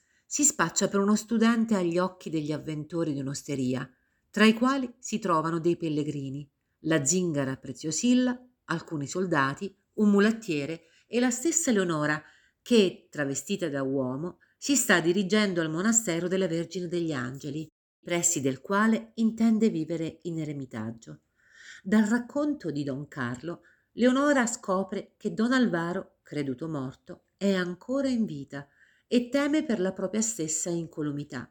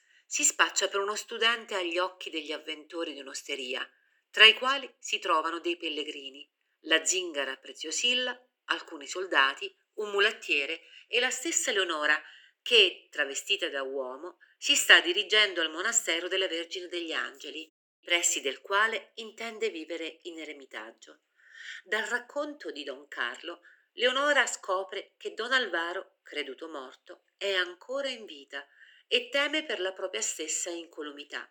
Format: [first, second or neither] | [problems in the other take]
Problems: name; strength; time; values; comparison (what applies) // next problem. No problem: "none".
first | thin; very; fading below 350 Hz